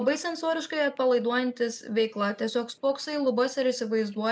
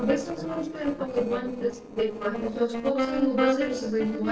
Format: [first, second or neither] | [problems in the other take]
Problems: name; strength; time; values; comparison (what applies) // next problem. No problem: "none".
first | noise reduction (neural separator model SepFormer DNS4)